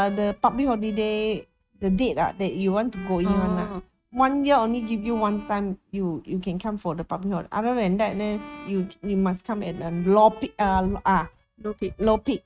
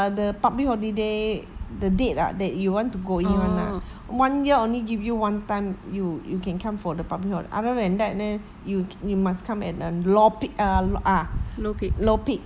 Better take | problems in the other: second | noise reduction (neural mask model RNNoise)

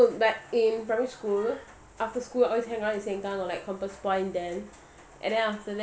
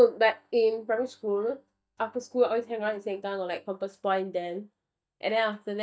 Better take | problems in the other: first | noise reduction (neural mask model DeepFilterNet 3)

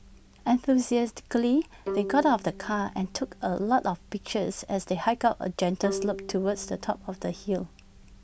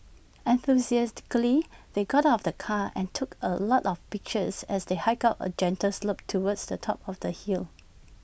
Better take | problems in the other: second | background sound (Bowed string instrument); 13 dB below the speech

